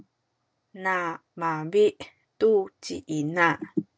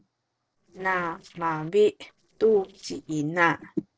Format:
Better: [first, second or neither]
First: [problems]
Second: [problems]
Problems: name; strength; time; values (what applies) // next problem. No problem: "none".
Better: first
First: none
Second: noise reduction (neural separator model SepFormer DNS4)